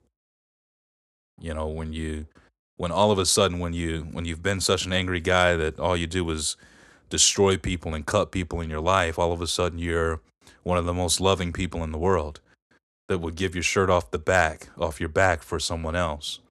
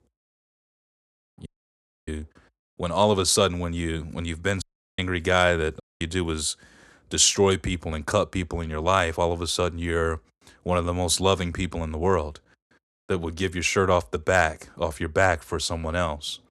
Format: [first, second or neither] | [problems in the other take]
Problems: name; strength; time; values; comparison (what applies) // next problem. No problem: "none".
first | audio cutting out; at 1.5 s for 0.5 s, at 4.5 s and at 6 s